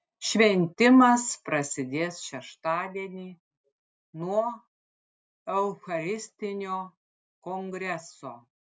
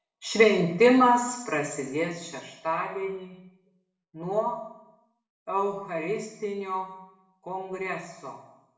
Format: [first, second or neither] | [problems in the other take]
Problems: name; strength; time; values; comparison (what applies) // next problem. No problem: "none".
first | room echo; dies away in 0.8 s